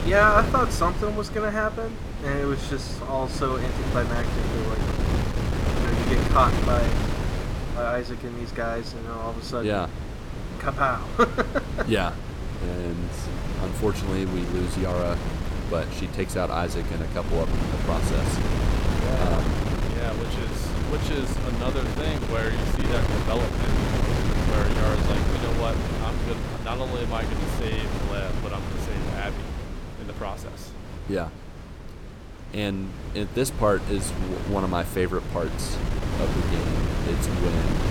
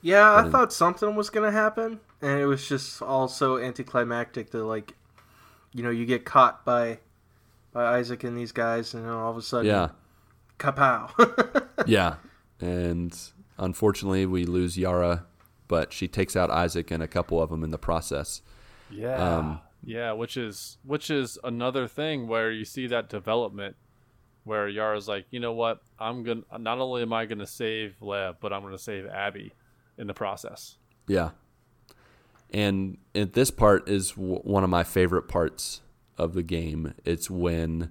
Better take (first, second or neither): second